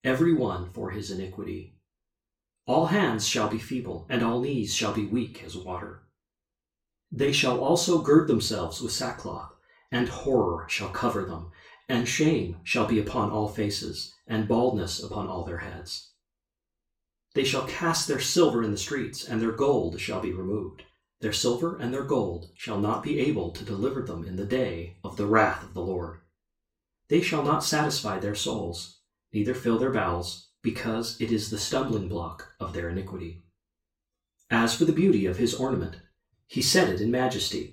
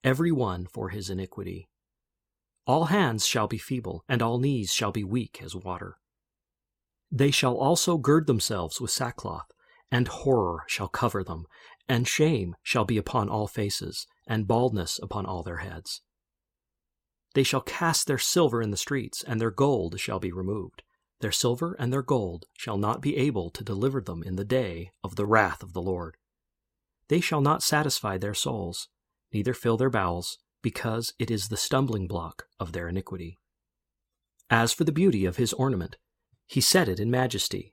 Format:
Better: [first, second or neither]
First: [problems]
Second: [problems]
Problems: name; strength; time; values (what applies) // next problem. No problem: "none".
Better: second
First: room echo; slight; dies away in 0.3 s // off-mic speech; far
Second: none